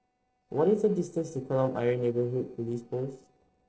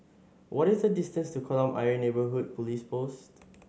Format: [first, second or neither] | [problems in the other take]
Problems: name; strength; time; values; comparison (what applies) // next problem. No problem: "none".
second | noise reduction (neural separator model SepFormer DNS4)